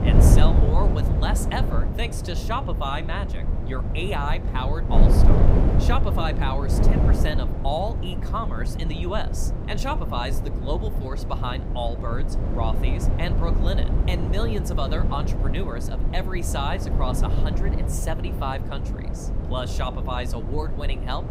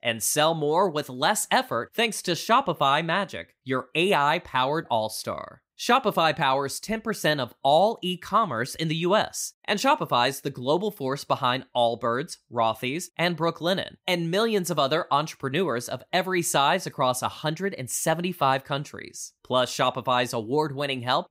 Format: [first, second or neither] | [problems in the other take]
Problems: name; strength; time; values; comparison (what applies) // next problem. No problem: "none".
second | wind noise on the microphone; heavy; 4 dB below the speech